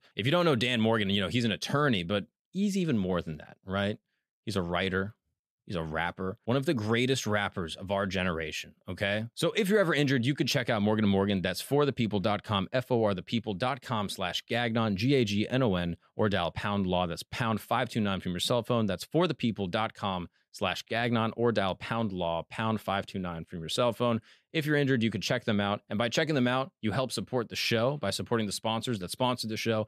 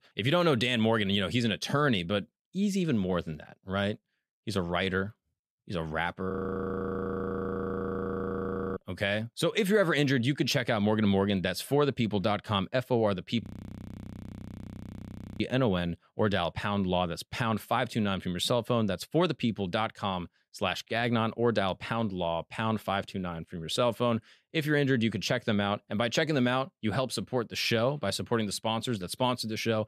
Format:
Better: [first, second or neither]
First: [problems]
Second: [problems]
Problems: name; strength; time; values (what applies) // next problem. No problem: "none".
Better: first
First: none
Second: audio freezing; at 6.5 s for 2.5 s and at 13 s for 2 s